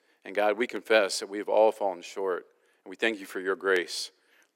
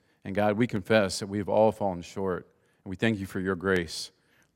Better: second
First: thin; somewhat; fading below 350 Hz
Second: none

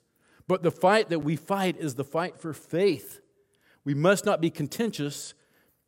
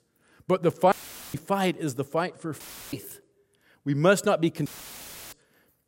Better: first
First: none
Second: audio cutting out; filled with static; at 1 s, at 2.5 s and at 4.5 s for 0.5 s

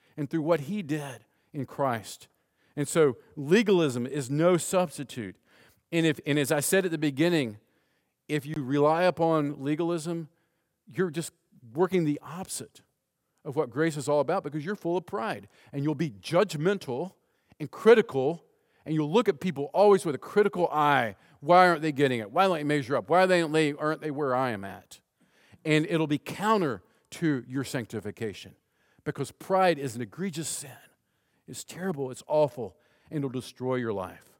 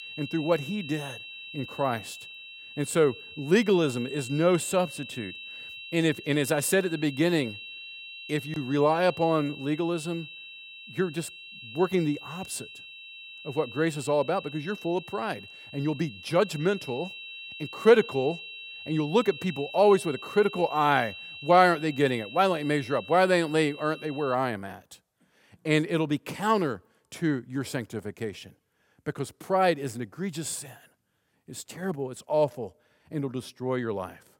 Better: first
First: none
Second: high-pitched whine; noticeable; until 24 s; 2.5 kHz, 15 dB below the speech

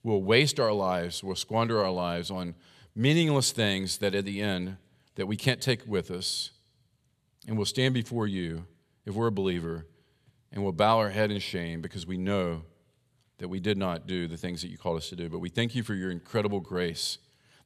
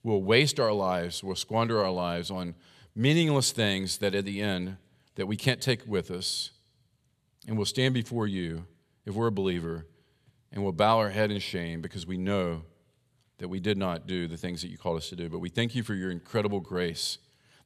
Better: neither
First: none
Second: none

